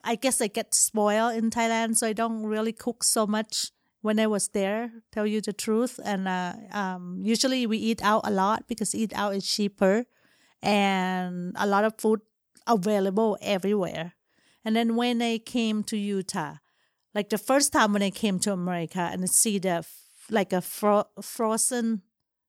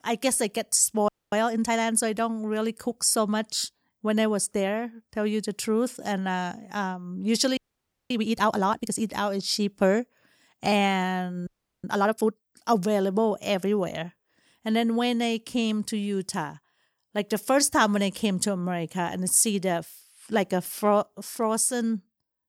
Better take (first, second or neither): first